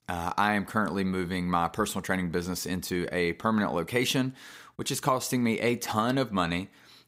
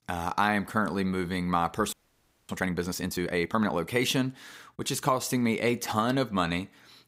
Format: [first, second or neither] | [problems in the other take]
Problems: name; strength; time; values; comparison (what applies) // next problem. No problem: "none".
first | audio freezing; at 2 s for 0.5 s